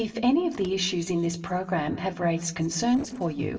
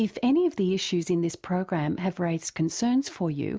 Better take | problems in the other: second | noise reduction (neural separator model SepFormer DNS4)

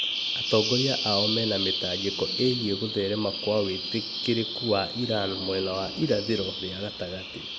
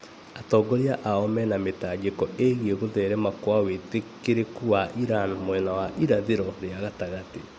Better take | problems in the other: second | background sound (Bird vocalization, bird call, bird song); 3 dB below the speech

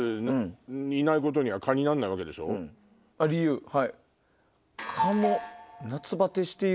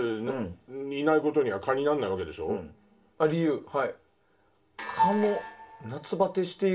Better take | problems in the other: first | room echo; dies away in 0.2 s

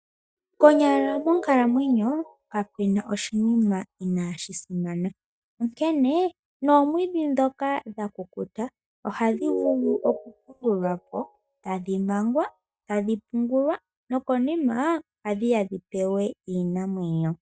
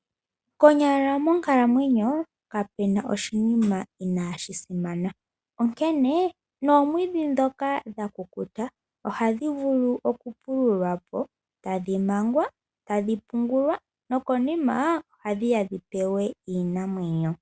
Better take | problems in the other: second | noise reduction (neural mask model DeepFilterNet 3)

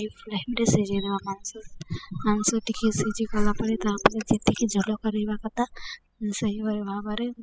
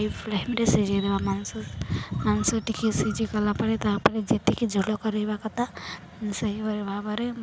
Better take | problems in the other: second | noise reduction (classical method spectral subtraction)

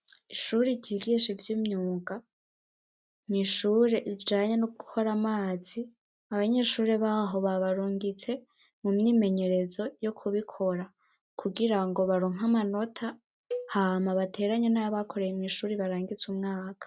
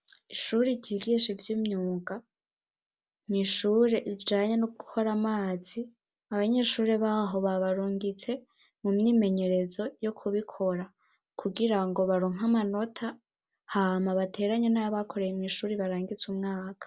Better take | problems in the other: second | noise reduction (neural mask model RNNoise)

